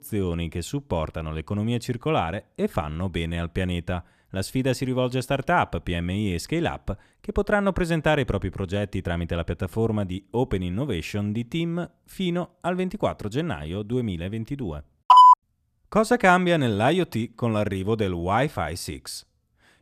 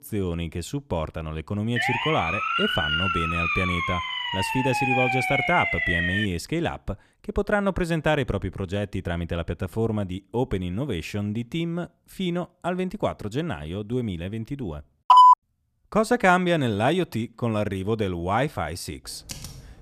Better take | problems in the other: first | siren; loud; from 2 to 6.5 s; peak 2 dB above the speech // keyboard typing; faint; at 19 s; peak 10 dB below the speech

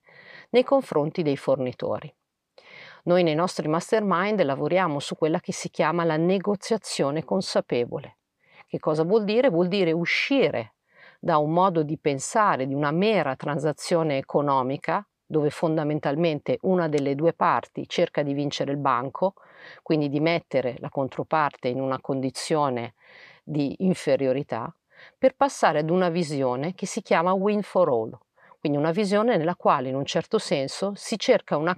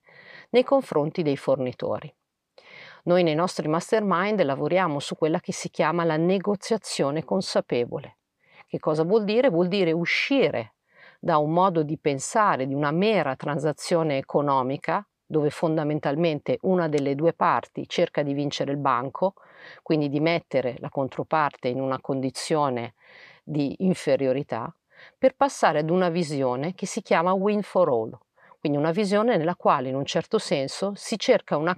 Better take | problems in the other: neither | none

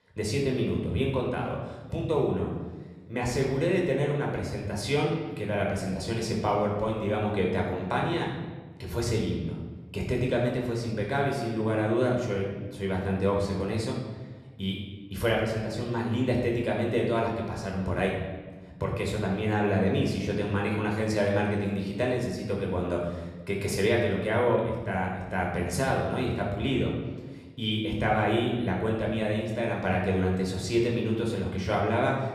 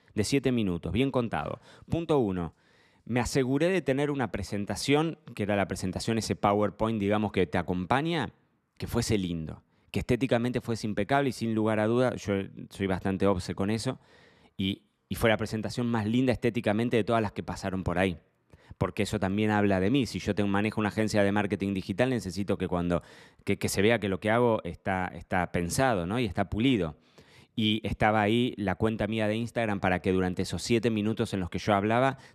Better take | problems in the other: second | room echo; noticeable; dies away in 1.1 s // off-mic speech; somewhat distant

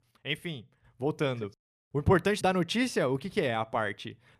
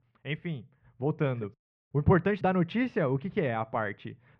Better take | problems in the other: first | muffled; very; fading above 2.5 kHz

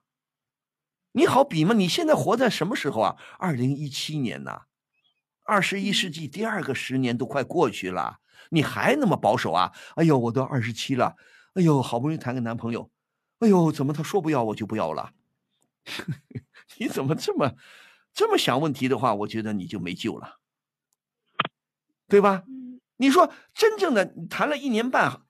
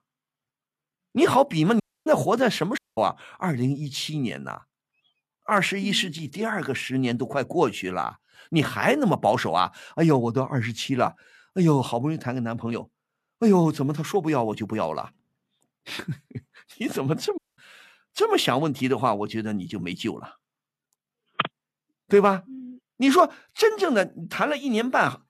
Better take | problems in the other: first | audio cutting out; at 2 s, at 3 s and at 17 s

